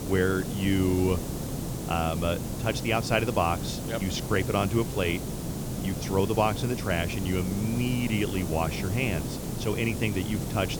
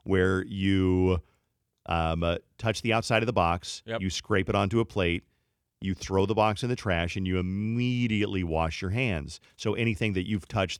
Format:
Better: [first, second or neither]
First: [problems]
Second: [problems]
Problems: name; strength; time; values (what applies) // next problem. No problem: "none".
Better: second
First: hiss; loud; throughout; 5 dB below the speech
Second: none